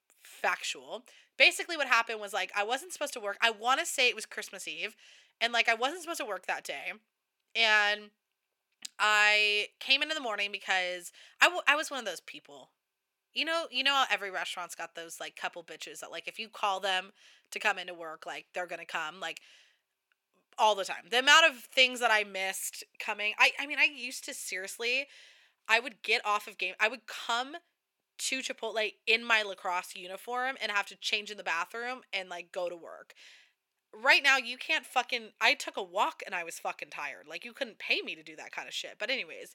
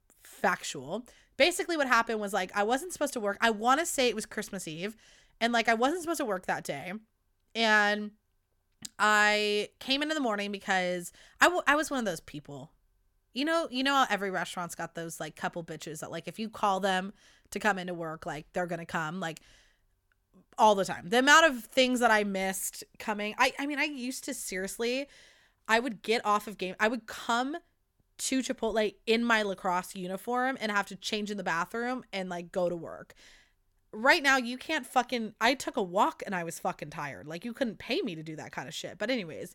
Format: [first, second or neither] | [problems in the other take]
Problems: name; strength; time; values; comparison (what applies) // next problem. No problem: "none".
second | thin; somewhat; fading below 450 Hz